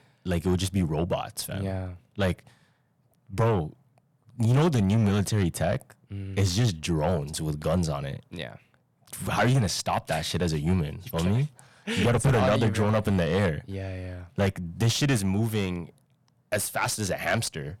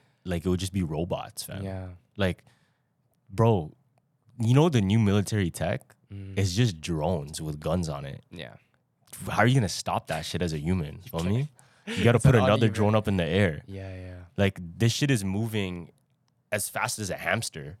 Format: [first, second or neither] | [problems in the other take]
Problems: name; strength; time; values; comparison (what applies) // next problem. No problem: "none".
second | distortion; heavy; 7 dB below the speech